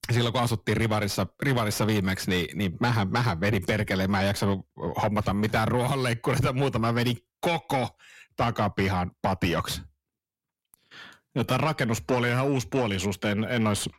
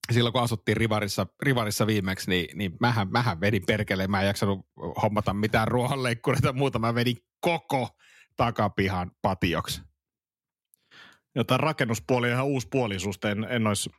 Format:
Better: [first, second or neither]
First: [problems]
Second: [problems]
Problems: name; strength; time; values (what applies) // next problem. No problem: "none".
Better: second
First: distortion; slight; 9 dB below the speech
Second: none